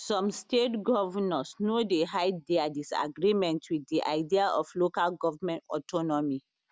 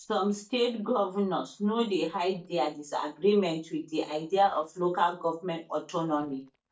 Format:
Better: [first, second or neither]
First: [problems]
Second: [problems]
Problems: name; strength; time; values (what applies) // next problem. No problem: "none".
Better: first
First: none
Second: noise reduction (neural mask model DeepFilterNet 3)